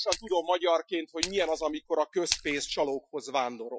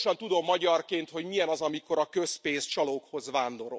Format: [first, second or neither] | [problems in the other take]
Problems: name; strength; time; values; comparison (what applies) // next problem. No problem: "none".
second | noise reduction (classical method Wiener filter)